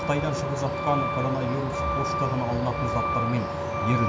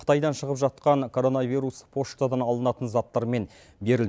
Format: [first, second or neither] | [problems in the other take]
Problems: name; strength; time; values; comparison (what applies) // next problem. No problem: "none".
second | background sound (Truck); as loud as the speech // room echo; dies away in 0.8 s